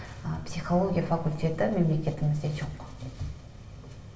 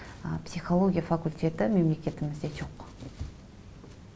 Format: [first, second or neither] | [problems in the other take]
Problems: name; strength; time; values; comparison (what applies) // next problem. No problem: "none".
second | room echo; dies away in 1 s